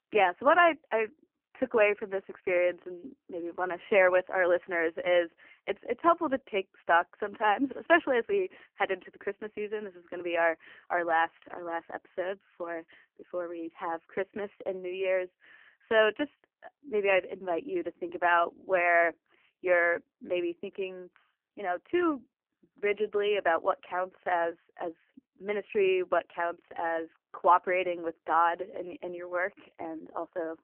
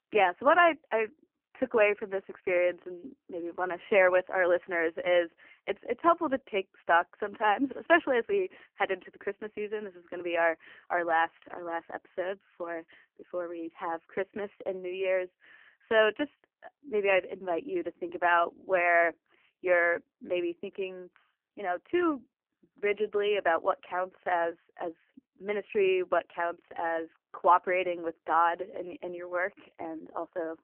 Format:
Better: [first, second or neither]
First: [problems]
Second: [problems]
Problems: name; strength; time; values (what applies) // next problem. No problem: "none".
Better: neither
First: phone-call audio; poor line; nothing above 3 kHz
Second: phone-call audio; poor line; nothing above 3 kHz